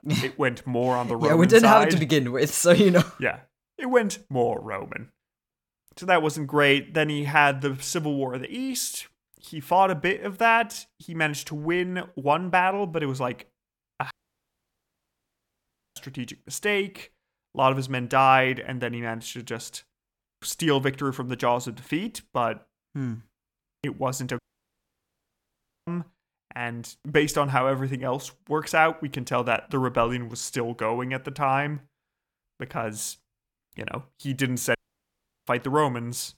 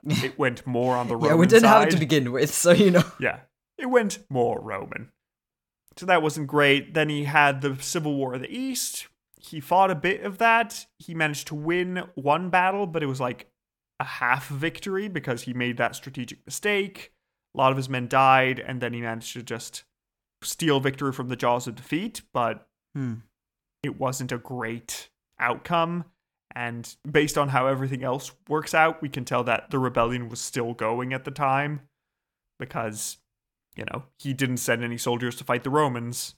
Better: second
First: audio cutting out; at 14 s for 2 s, at 24 s for 1.5 s and at 35 s for 0.5 s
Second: none

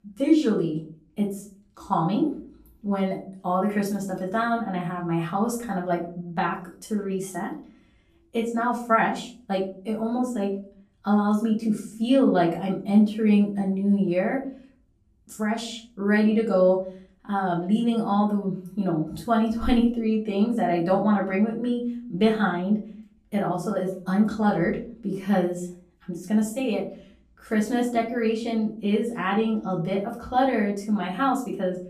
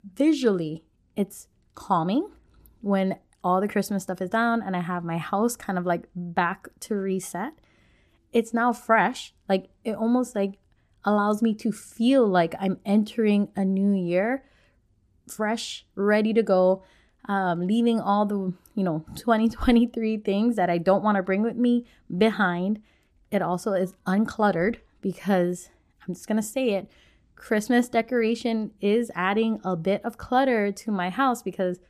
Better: second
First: room echo; slight; dies away in 0.4 s // off-mic speech; far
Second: none

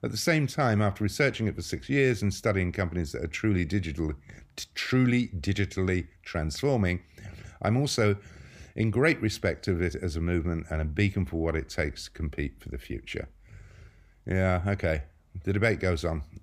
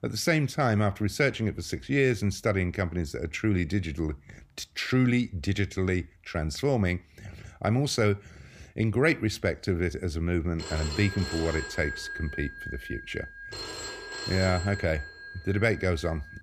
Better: first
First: none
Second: phone ringing; noticeable; from 11 s on; peak 5 dB below the speech

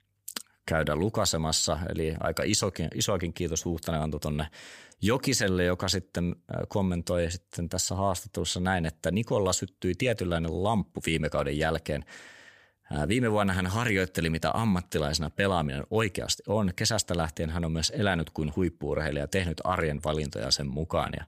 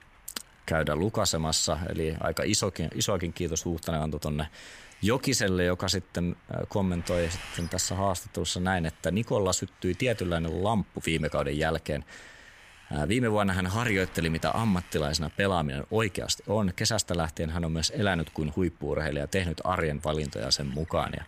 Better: first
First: none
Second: wind noise on the microphone; occasional gusts; 20 dB below the speech

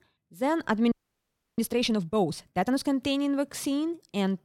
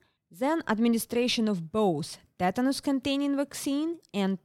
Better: second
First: audio freezing; at 1 s for 0.5 s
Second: none

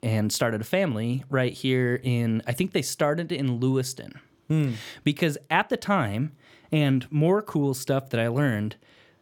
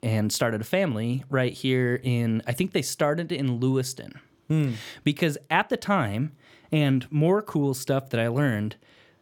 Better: neither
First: none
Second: none

